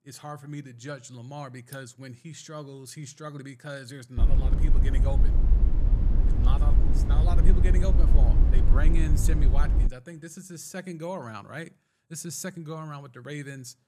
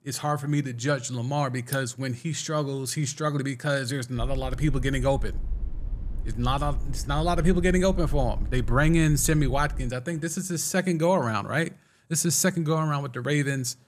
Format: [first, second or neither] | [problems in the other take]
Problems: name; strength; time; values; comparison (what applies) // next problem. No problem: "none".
second | low rumble; loud; from 4 to 10 s; 2 dB below the speech; faint in the second